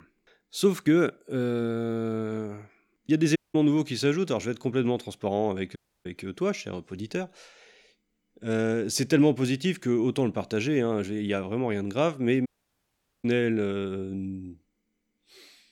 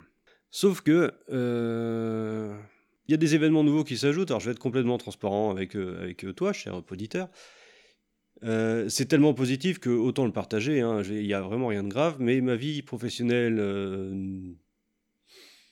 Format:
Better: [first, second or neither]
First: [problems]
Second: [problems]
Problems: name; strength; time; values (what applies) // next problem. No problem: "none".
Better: second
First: audio cutting out; at 3.5 s, at 6 s and at 12 s for 1 s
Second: none